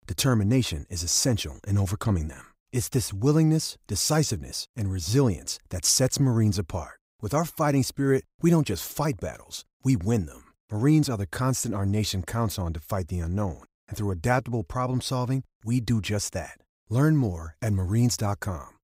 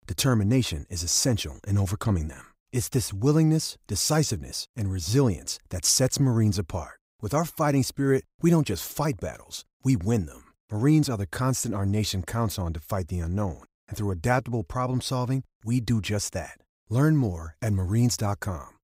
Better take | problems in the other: neither | none

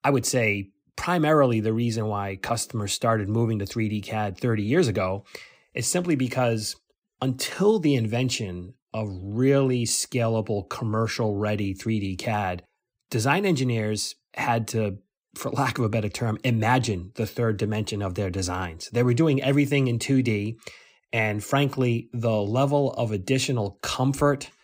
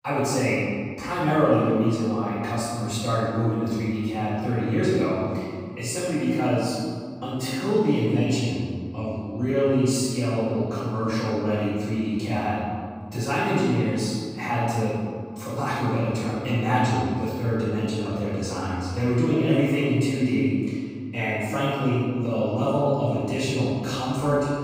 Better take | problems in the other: first | room echo; strong; dies away in 2 s // off-mic speech; far

